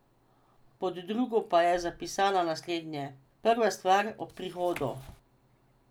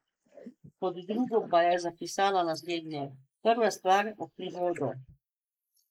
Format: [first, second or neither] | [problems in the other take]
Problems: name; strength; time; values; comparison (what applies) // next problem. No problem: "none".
first | noise reduction (neural mask model Resemble Enhance denoiser)